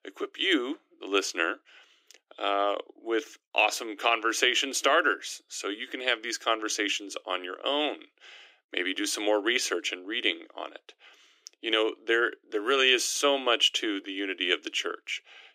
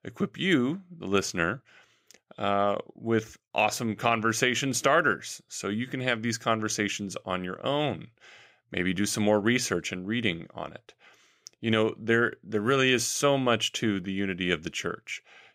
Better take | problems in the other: second | thin; somewhat; fading below 300 Hz

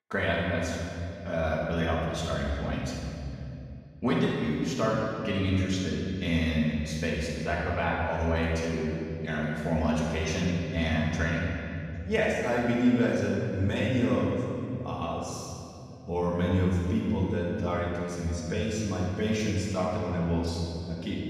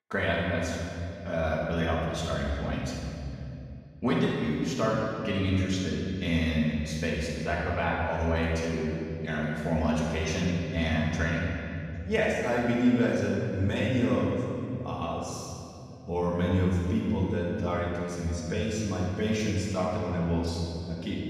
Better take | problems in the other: neither | off-mic speech; far; the same in both // room echo; strong; dies away in 2.6 s; the same in both

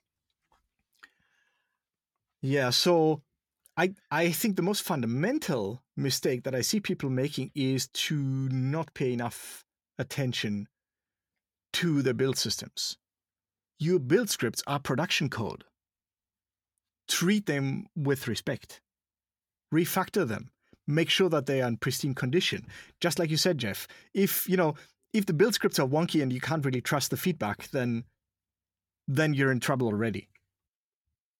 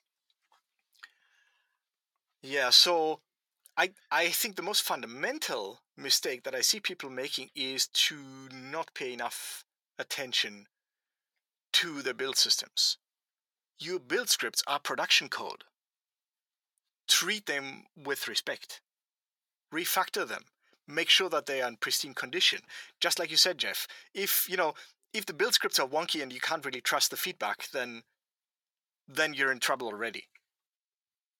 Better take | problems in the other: first | thin; very; fading below 650 Hz

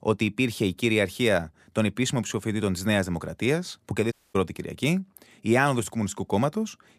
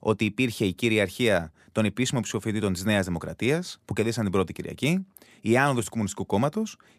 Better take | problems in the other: second | audio cutting out; at 4 s

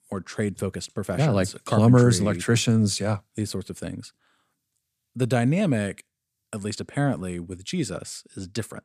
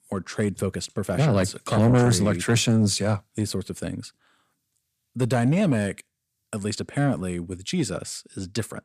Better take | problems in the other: first | distortion; slight; 10 dB below the speech

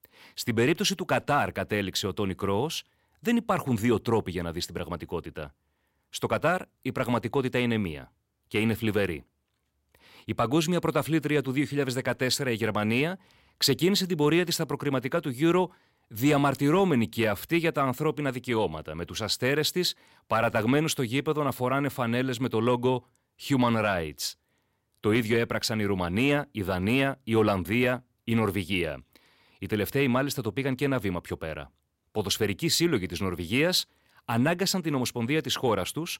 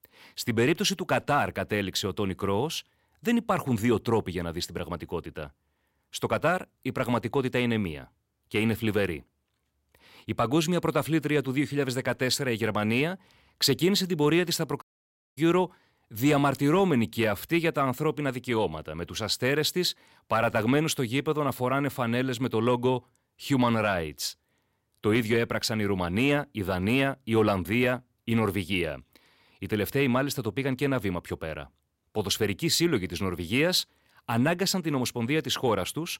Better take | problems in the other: first | audio cutting out; at 15 s for 0.5 s

